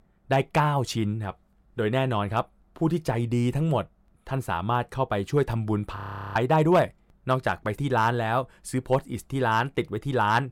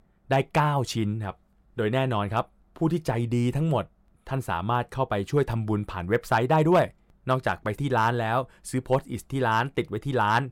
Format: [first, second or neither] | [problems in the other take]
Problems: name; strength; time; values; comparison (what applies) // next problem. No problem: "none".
second | audio freezing; at 6 s